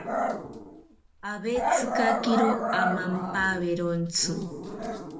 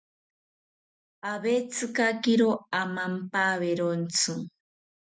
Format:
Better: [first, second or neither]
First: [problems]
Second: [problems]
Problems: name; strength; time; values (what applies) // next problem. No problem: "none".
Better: second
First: background sound (Growling); 1 dB below the speech // room echo; dies away in 0.3 s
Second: none